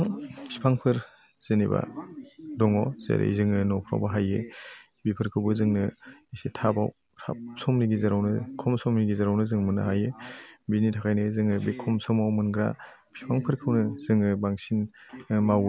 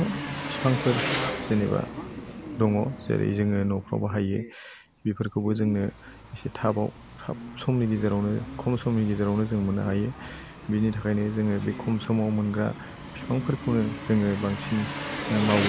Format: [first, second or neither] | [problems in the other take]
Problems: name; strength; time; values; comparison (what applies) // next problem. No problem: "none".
first | background sound (Engine); 10 dB below the speech